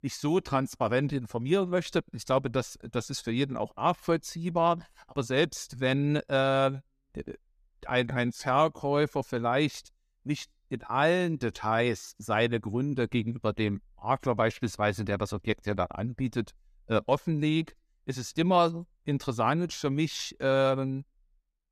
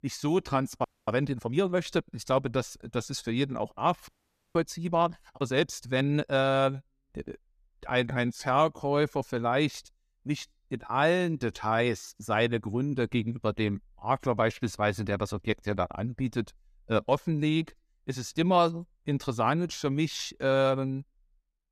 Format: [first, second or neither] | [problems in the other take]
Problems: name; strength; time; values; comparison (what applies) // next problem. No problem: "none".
first | audio freezing; at 1 s and at 4 s